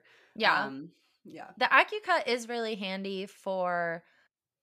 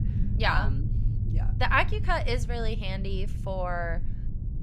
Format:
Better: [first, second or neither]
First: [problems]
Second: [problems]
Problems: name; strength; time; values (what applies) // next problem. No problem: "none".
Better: first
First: none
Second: low rumble; noticeable; throughout; 15 dB below the speech